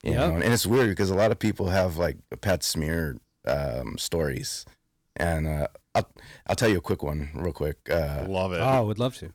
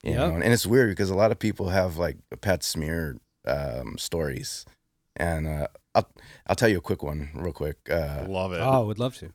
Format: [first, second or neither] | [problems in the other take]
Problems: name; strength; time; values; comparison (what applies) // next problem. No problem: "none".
second | distortion; slight; 4% of the sound clipped